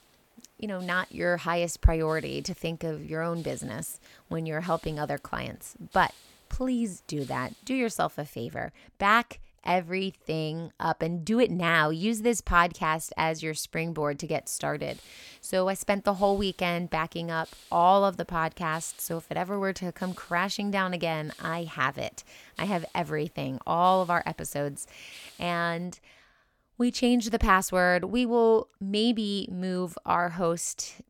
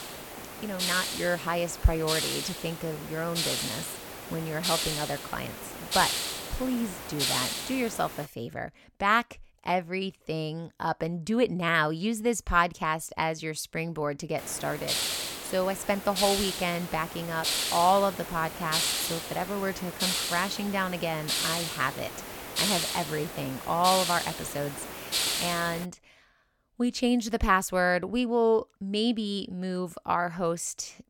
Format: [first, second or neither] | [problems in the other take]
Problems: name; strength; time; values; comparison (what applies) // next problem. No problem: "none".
first | hiss; loud; until 8.5 s and from 14 to 26 s; 2 dB below the speech; faint in the first